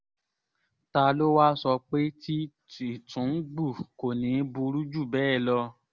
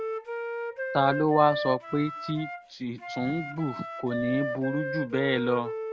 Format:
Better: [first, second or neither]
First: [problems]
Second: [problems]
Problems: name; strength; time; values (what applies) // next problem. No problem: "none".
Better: first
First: none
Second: background sound (Wind instrument, woodwind instrument); 5 dB below the speech